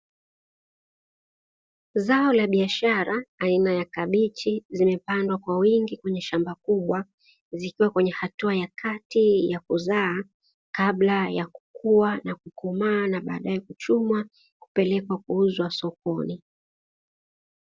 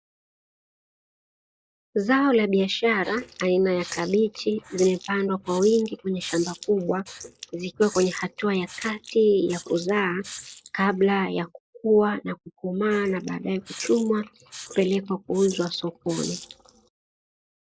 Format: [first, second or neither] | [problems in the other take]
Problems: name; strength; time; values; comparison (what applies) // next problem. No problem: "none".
first | noise reduction (neural mask model Resemble Enhance denoiser)